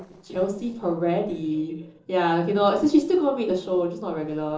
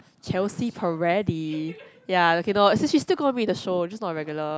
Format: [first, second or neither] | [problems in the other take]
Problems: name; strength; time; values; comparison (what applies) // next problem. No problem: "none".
second | noise reduction (neural separator model SepFormer DNS4)